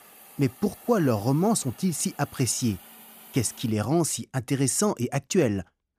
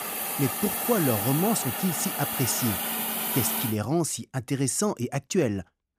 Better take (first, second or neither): first